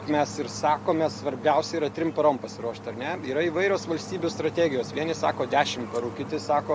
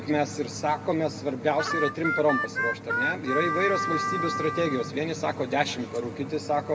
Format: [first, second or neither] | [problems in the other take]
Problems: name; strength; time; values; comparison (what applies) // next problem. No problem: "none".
first | background sound (Harmonica); 2 dB below the speech // room echo; dies away in 1.3 s